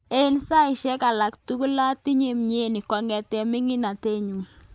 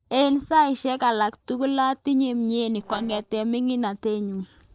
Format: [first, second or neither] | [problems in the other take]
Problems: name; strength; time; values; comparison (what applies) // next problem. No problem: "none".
first | noise reduction (neural separator model SepFormer DNS4)